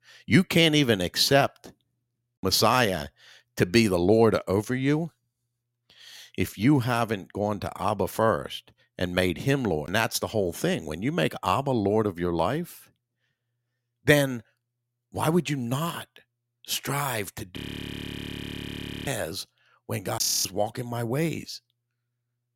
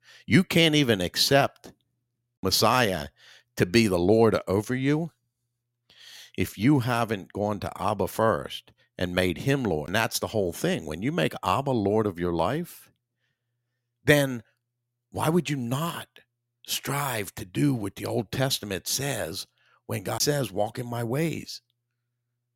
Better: second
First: audio freezing; at 18 s for 1.5 s and at 20 s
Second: none

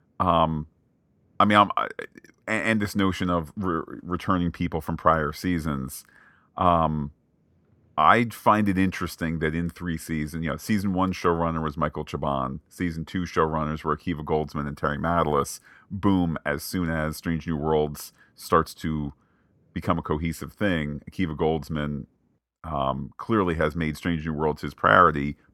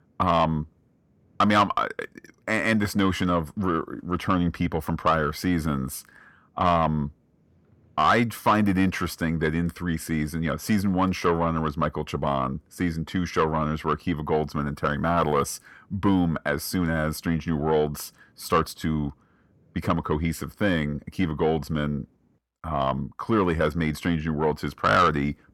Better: first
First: none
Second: distortion; slight; 10 dB below the speech

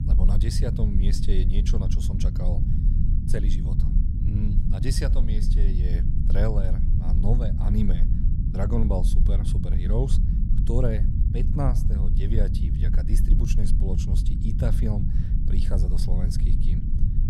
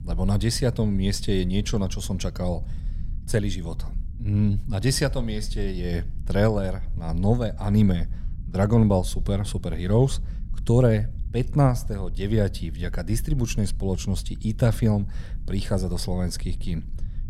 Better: second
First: low rumble; loud; throughout; 4 dB below the speech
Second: low rumble; faint; throughout; 20 dB below the speech

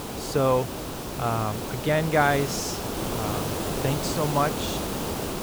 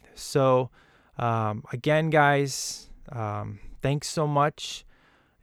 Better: second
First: hiss; loud; throughout; 4 dB below the speech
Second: none

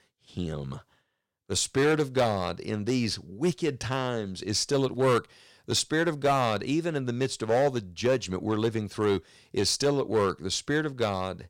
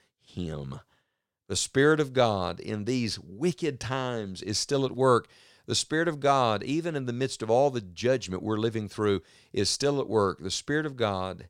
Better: second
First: distortion; slight; 4% of the sound clipped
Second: none

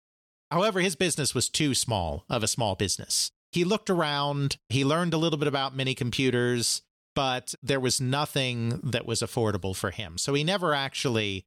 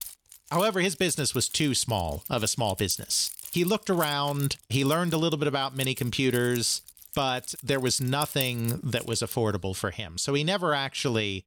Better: first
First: none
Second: jangling keys; noticeable; until 9.5 s; peak 7 dB below the speech

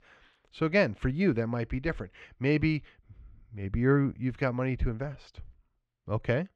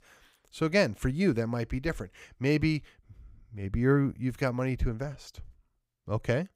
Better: second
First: muffled; very slightly; fading above 3 kHz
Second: none

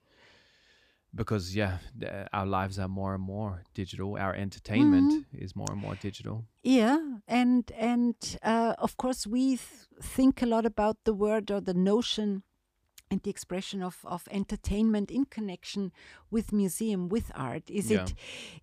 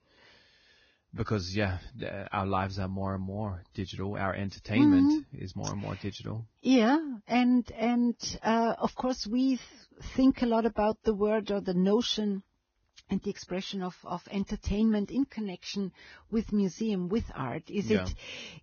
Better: first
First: none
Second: garbled, watery; badly; nothing above 6.5 kHz

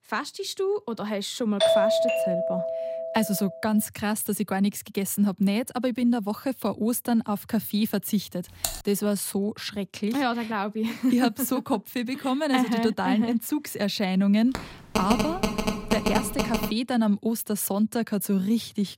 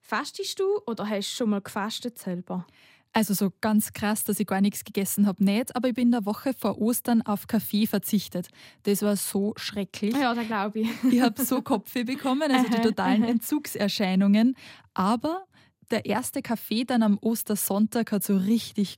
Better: second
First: doorbell; loud; from 1.5 to 3.5 s; peak 6 dB above the speech // keyboard typing; noticeable; at 8.5 s; peak 4 dB below the speech // phone ringing; loud; from 15 to 17 s; peak level with the speech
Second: none

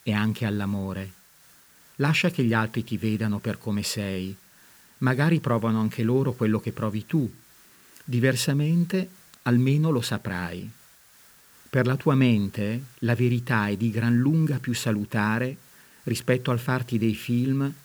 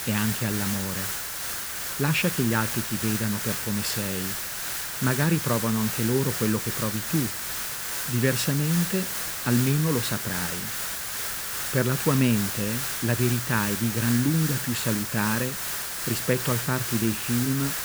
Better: first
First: hiss; faint; throughout; 25 dB below the speech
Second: hiss; loud; throughout; 2 dB below the speech

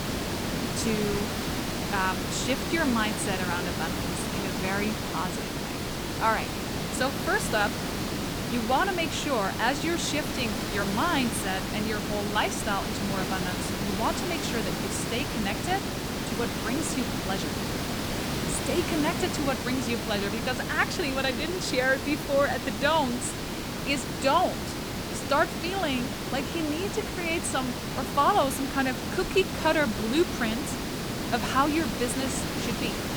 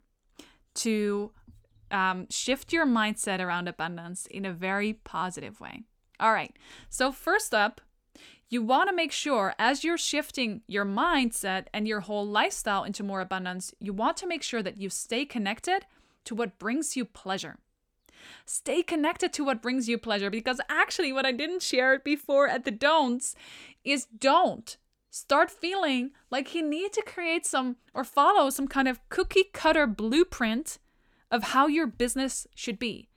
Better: second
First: hiss; loud; throughout; 2 dB below the speech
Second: none

